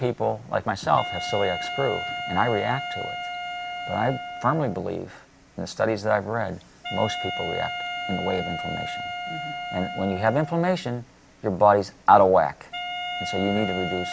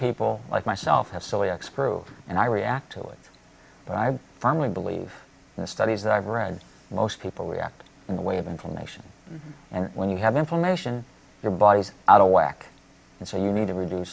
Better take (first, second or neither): second